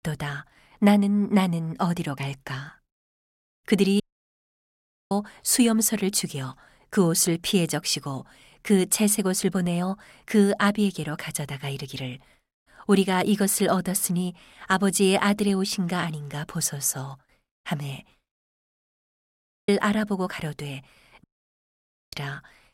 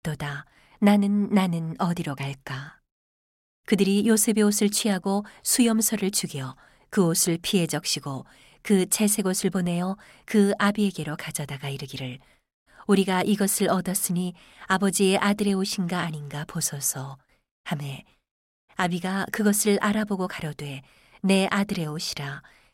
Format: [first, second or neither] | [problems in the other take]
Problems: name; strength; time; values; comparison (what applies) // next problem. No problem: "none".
second | audio cutting out; at 4 s for 1 s, at 19 s for 1 s and at 21 s for 1 s